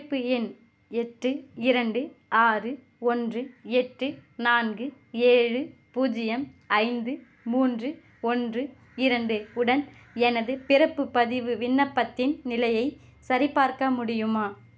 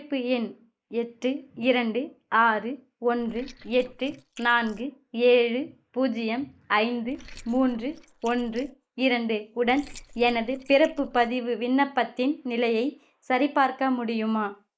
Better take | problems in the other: first | noise reduction (neural mask model Resemble Enhance denoiser)

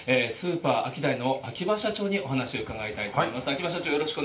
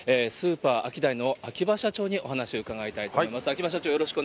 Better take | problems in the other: second | room echo; dies away in 0.3 s

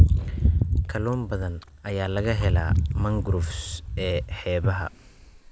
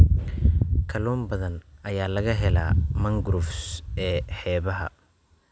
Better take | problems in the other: second | background sound (Chewing, mastication); 17 dB below the speech

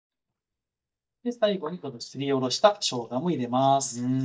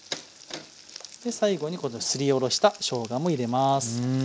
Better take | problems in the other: second | noise reduction (neural mask model DeepFilterNet 3)

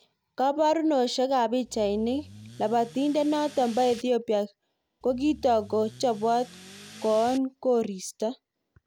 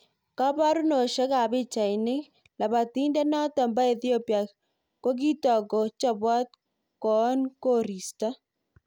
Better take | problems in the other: second | background sound (Accelerating, revving, vroom / Car); 19 dB below the speech

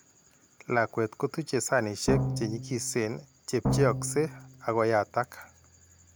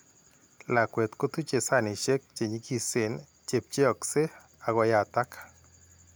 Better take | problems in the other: second | background sound (Drum); 2 dB below the speech

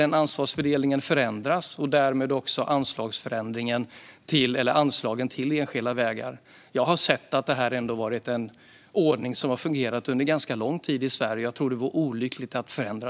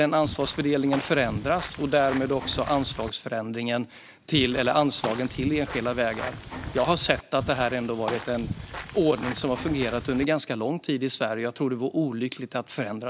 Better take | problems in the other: first | background sound (Walk, footsteps / Bird vocalization, bird call, bird song); 10 dB below the speech

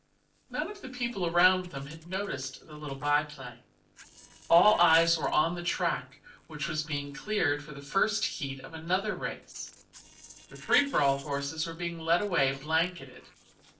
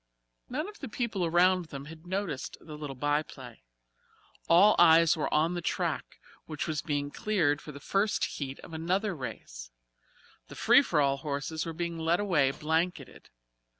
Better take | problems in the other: second | noise reduction (neural separator model SepFormer DNS4)

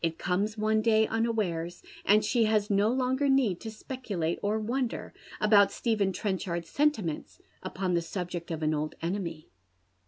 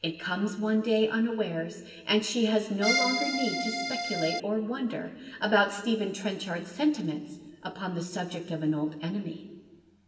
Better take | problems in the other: first | background sound (Accordion); as loud as the speech // room echo; dies away in 1.4 s

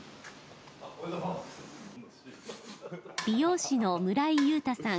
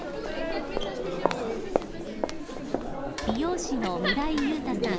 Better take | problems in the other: first | background sound (Crowd); 3 dB above the speech

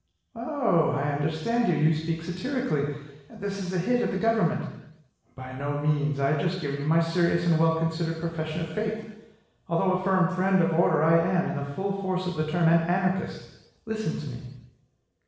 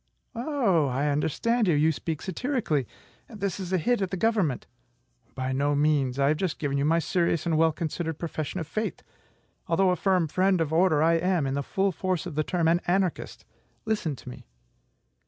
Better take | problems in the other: second | room echo; dies away in 0.9 s

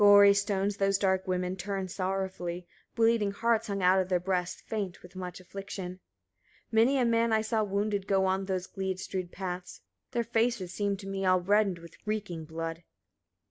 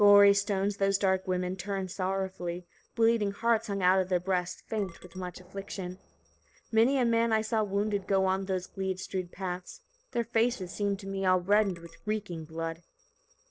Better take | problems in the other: first | noise reduction (neural separator model SepFormer DNS4)

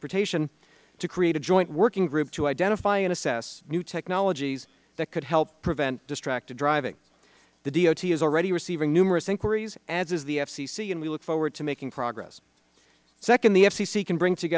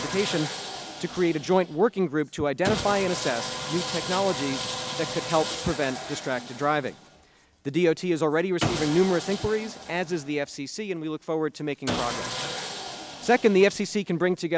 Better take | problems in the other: first | background sound (Sawing); 8 dB below the speech

